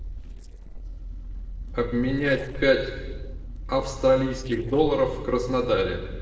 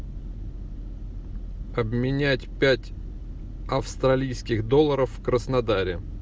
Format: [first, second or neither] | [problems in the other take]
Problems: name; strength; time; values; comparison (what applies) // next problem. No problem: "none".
second | noise reduction (neural separator model SepFormer DNS4)